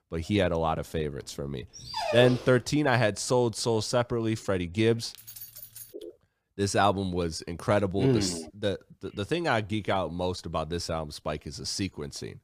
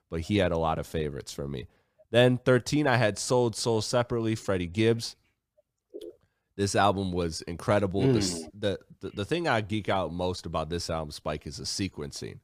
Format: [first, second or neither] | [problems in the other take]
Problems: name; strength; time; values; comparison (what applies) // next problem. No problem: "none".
second | dog barking; noticeable; at 2 s; peak 2 dB below the speech // jangling keys; faint; at 5 s; peak 15 dB below the speech